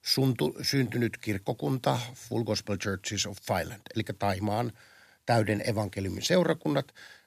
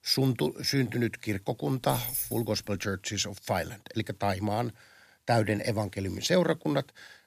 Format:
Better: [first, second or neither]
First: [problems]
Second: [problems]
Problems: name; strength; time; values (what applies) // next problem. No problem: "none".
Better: first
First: none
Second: jangling keys; noticeable; at 2 s; peak 2 dB below the speech